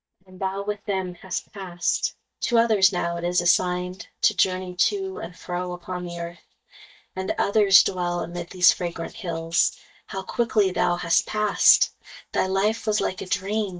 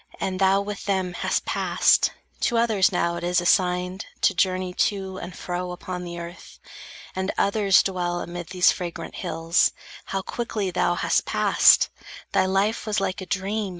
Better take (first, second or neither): second